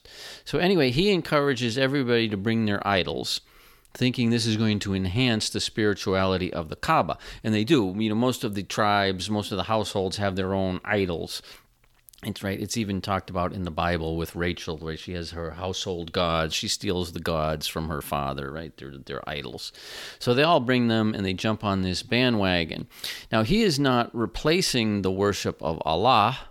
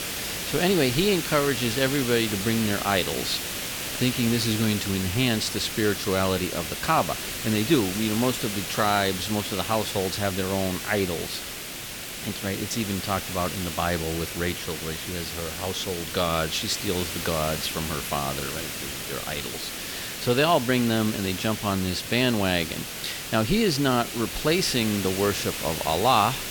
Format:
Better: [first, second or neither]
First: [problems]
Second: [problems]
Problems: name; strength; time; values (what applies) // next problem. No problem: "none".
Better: first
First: none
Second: hiss; loud; throughout; 5 dB below the speech